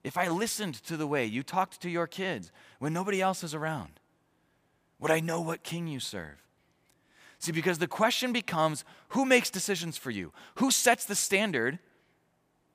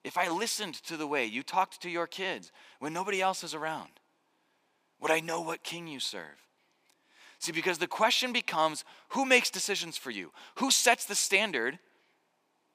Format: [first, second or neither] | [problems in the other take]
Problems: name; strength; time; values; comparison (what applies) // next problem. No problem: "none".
first | thin; very slightly; fading below 300 Hz